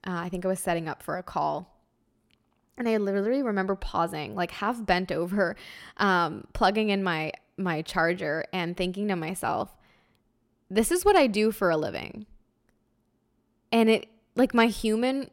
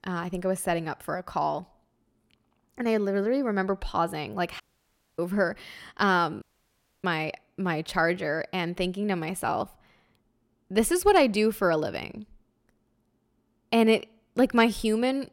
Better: first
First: none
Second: audio cutting out; at 4.5 s for 0.5 s and at 6.5 s for 0.5 s

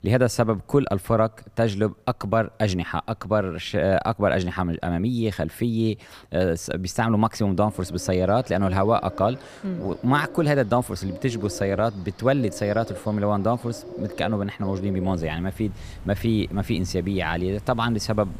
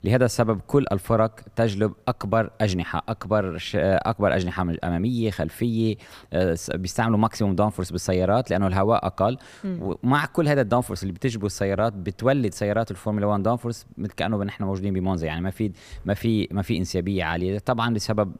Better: second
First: animal sounds; noticeable; from 7.5 s on; 15 dB below the speech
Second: none

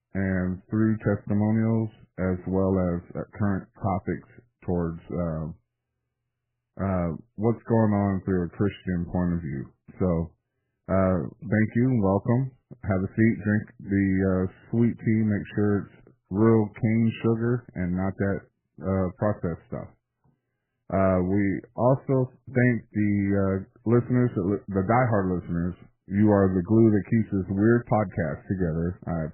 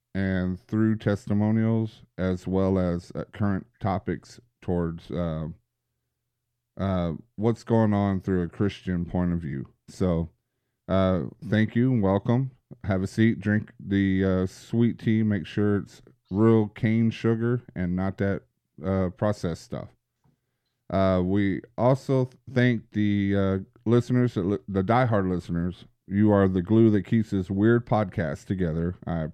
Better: second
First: garbled, watery; badly; nothing above 3 kHz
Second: none

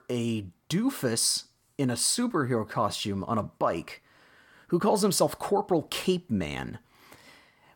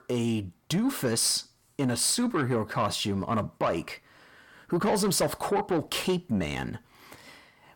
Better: first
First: none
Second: distortion; slight; 10 dB below the speech

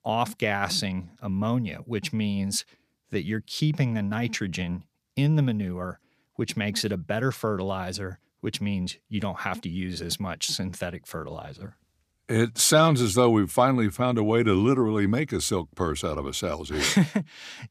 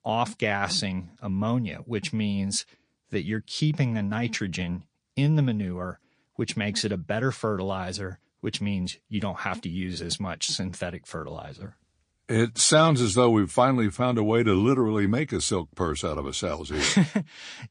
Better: first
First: none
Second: garbled, watery; slightly; nothing above 9 kHz

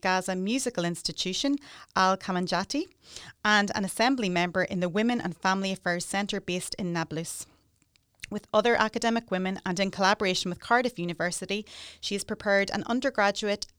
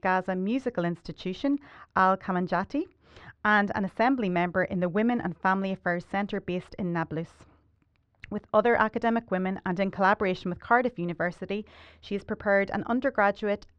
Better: first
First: none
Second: muffled; very; fading above 1.5 kHz

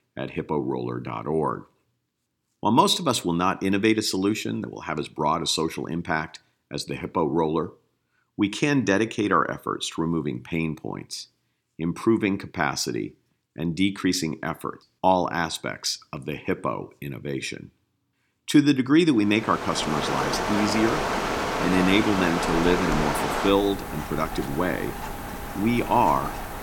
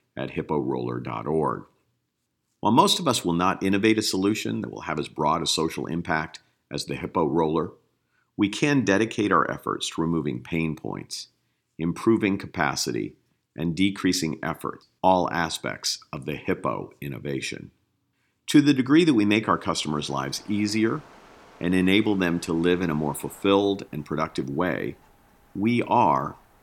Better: second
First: rain or running water; loud; from 20 s on; 3 dB below the speech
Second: rain or running water; faint; from 20 s on; 30 dB below the speech

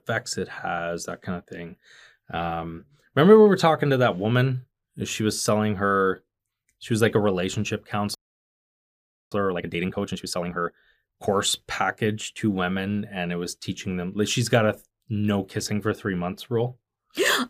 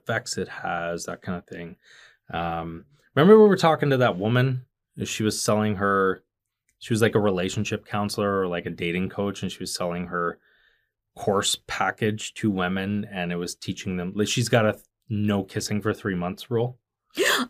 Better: second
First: audio freezing; at 8 s for 1 s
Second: none

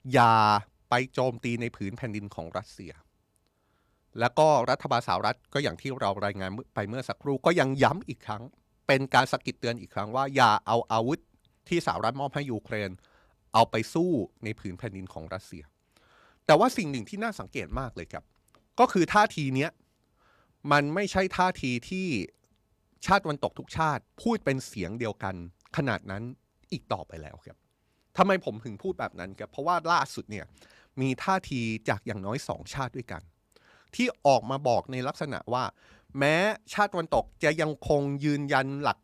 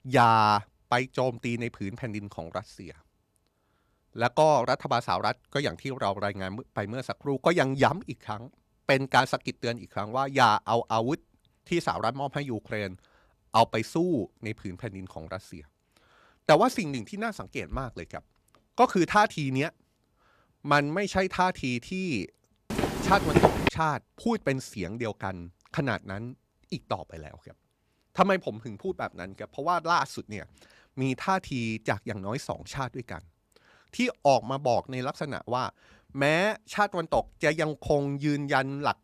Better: first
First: none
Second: footsteps; loud; at 23 s; peak 6 dB above the speech

